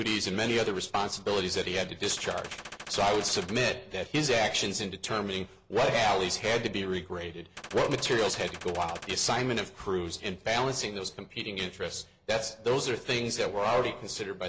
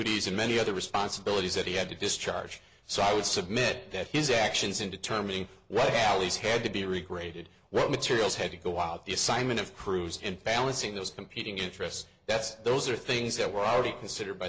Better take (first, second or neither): second